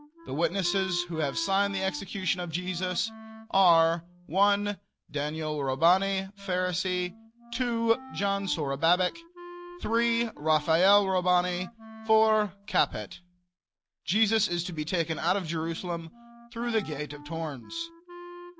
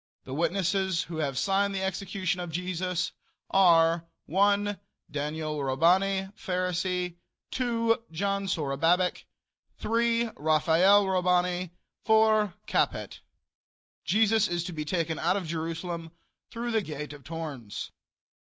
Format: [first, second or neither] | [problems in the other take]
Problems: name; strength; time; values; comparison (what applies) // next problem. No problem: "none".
second | background sound (Wind instrument, woodwind instrument); 19 dB below the speech